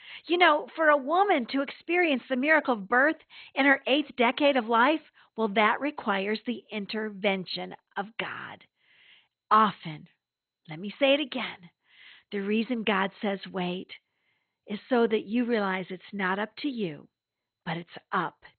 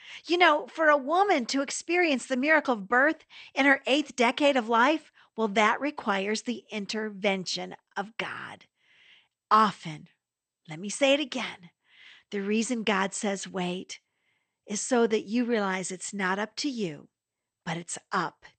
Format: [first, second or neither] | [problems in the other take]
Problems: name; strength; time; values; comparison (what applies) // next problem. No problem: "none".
second | garbled, watery; badly; nothing above 4 kHz; slightly in the second